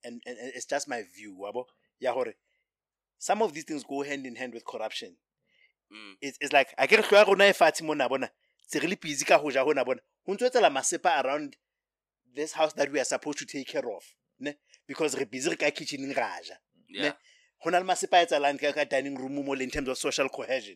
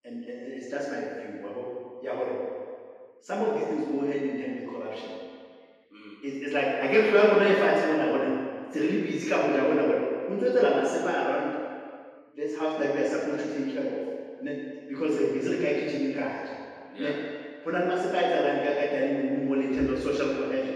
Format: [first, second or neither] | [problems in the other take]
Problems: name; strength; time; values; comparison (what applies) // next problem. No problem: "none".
first | room echo; strong; dies away in 1.8 s // off-mic speech; far